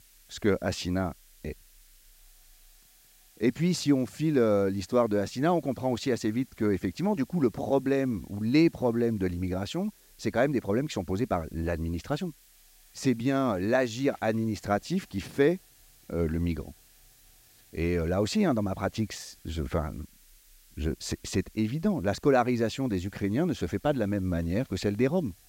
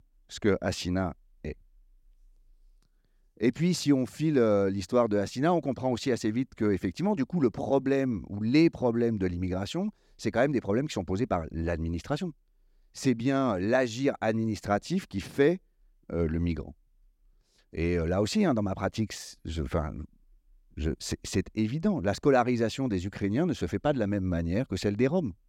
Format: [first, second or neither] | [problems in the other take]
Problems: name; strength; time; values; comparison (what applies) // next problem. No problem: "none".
second | hiss; faint; throughout; 30 dB below the speech